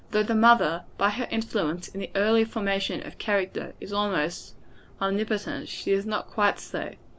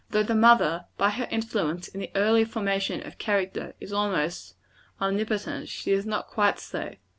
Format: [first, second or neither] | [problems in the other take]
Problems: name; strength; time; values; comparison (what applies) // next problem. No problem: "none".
second | background sound (Subway, metro, underground); 19 dB below the speech